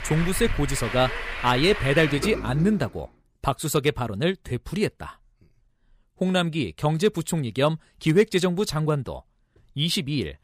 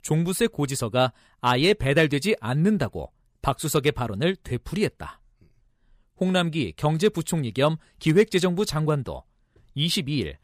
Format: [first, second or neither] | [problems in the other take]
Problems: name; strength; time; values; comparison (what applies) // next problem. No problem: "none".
second | traffic noise; loud; until 2.5 s; 7 dB below the speech